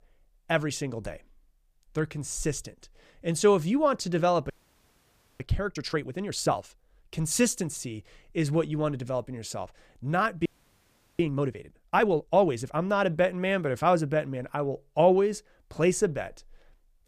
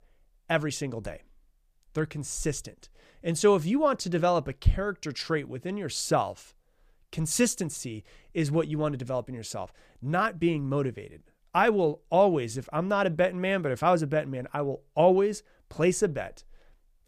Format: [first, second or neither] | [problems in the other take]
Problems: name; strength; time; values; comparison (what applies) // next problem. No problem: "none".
second | audio freezing; at 4.5 s for 1 s and at 10 s for 0.5 s